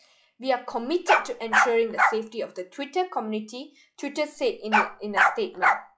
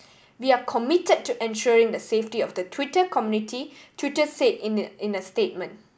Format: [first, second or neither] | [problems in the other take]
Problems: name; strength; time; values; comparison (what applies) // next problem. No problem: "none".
second | noise reduction (classical method log-MMSE)